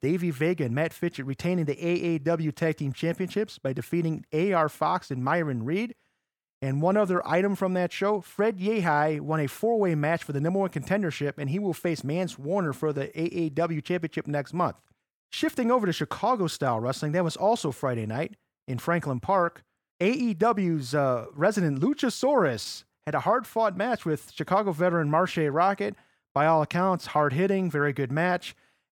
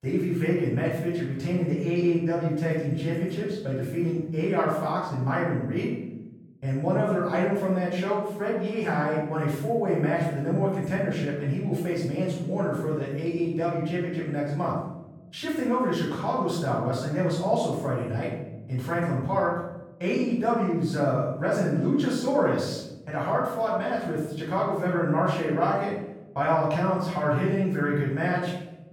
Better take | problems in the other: first | off-mic speech; far // room echo; noticeable; dies away in 0.9 s

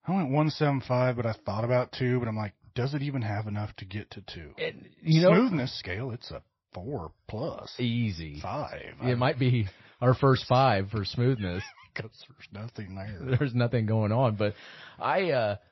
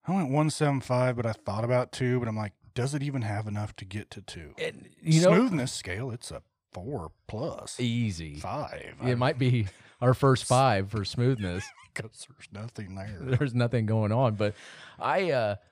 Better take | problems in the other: second | garbled, watery; slightly; nothing above 5.5 kHz

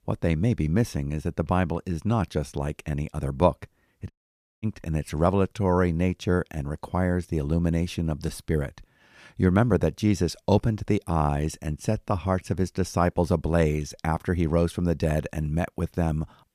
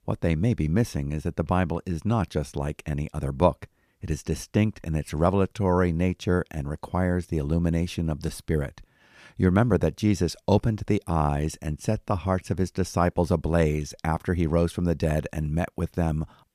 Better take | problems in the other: second | audio cutting out; at 4 s for 0.5 s

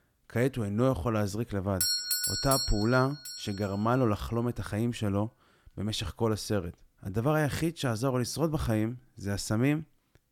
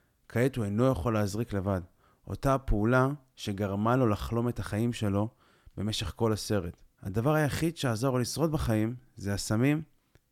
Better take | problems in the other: second | doorbell; loud; from 2 to 3.5 s; peak 4 dB above the speech

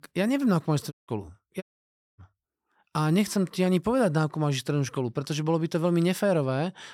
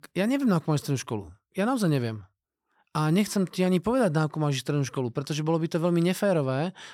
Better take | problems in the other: second | audio cutting out; at 1 s and at 1.5 s for 0.5 s

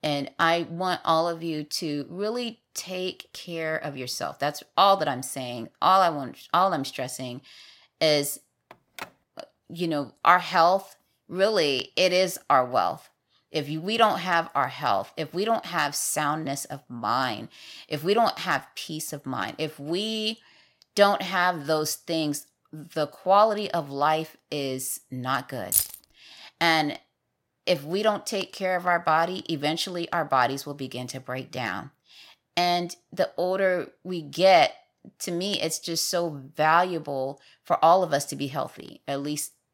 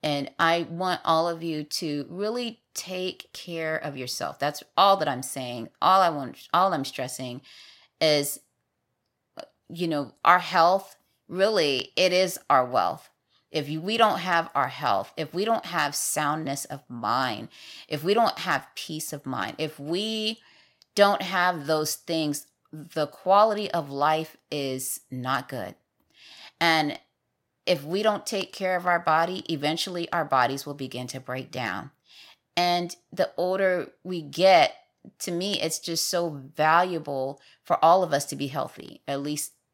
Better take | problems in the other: second | phone ringing; faint; at 8.5 s; peak 15 dB below the speech // jangling keys; loud; at 26 s; peak 2 dB above the speech

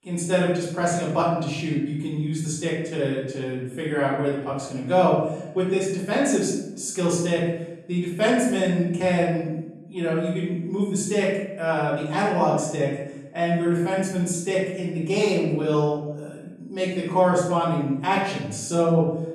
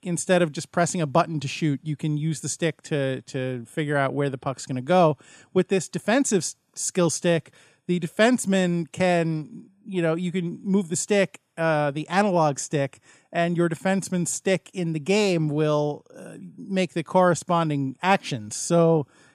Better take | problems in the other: second | off-mic speech; far // room echo; noticeable; dies away in 0.7 s

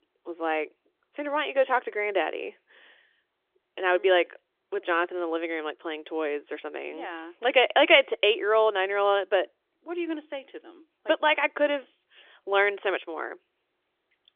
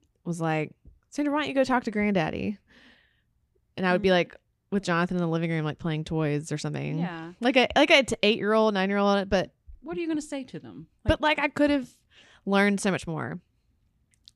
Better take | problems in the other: second | phone-call audio; nothing above 3.5 kHz

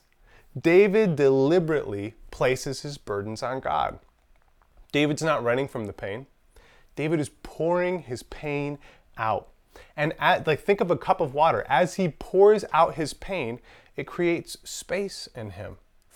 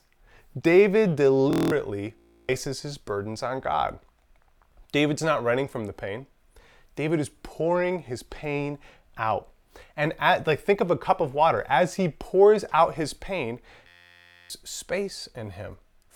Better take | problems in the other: first | audio freezing; at 1.5 s, at 2 s and at 14 s for 0.5 s

